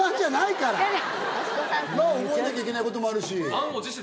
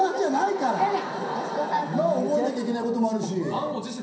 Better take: first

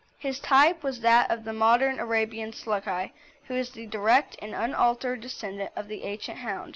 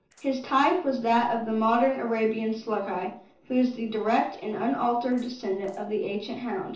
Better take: first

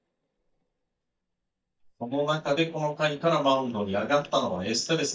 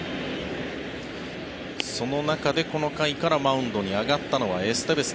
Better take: second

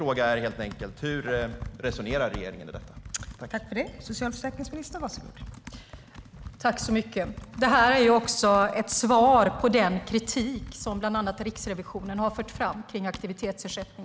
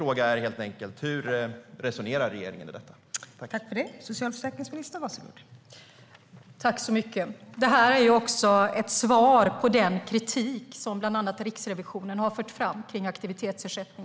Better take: second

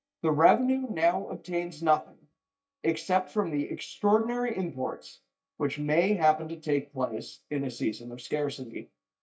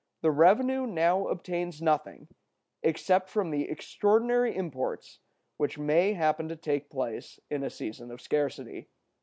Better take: second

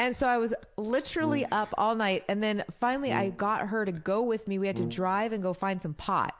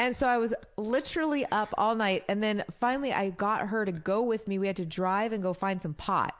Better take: second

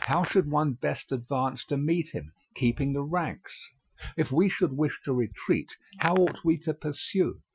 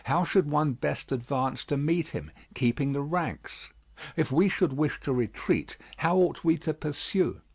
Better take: second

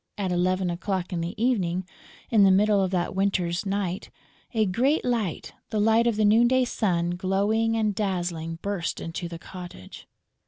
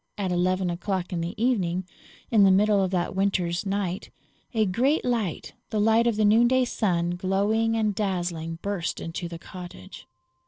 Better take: first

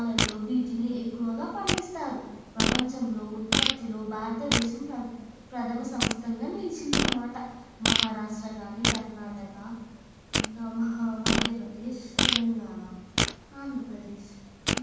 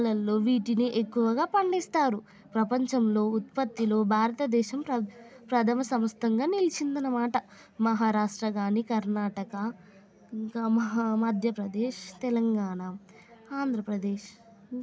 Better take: second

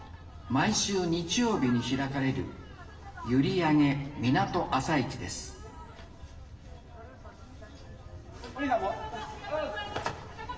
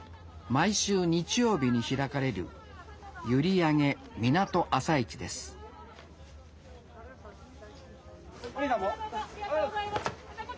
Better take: second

